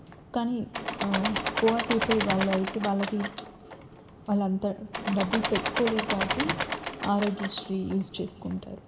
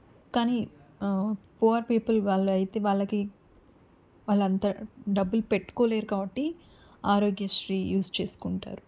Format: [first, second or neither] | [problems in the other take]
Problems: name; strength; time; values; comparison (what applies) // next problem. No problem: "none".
second | background sound (Engine / Mechanisms); 4 dB below the speech // room echo; dies away in 1.4 s